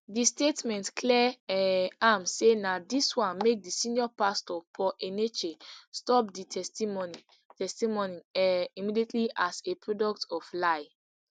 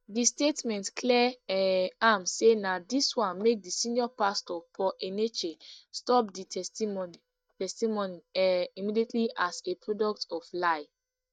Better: first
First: none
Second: noise reduction (neural mask model DeepFilterNet 3)

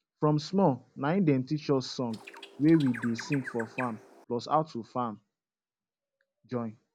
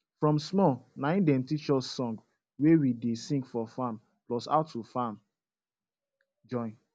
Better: second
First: background sound (Bird); 13 dB below the speech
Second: none

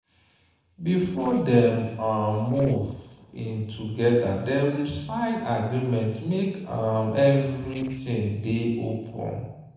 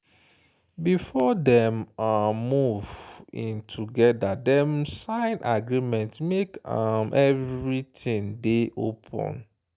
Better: second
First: noise reduction (neural separator model SepFormer DNS4)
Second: none

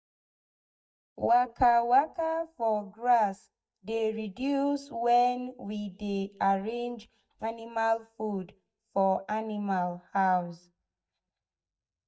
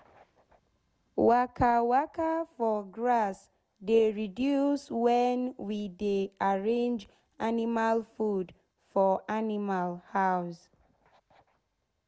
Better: second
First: noise reduction (neural mask model DeepFilterNet 3)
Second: none

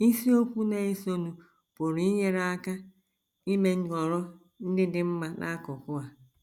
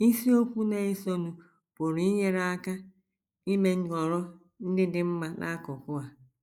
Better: first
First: none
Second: noise reduction (neural mask model Resemble Enhance denoiser)

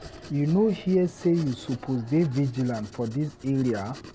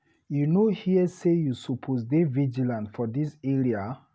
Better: second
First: background sound (Writing); 19 dB below the speech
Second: none

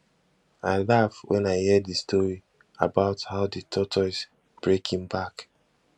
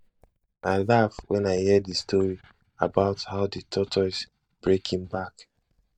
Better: first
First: none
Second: noise reduction (neural mask model DeepFilterNet 3)

